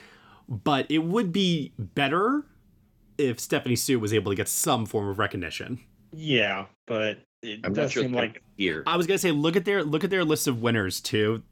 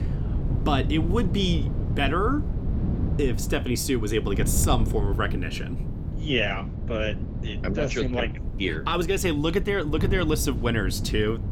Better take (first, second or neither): first